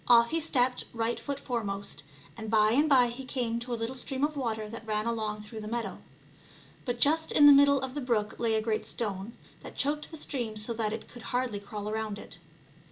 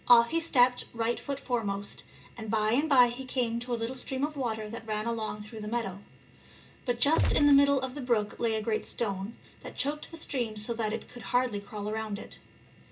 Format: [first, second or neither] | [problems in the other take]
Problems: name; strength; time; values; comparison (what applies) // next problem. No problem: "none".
first | background sound (Gunshot, gunfire); 1 dB above the speech // room echo; dies away in 0.2 s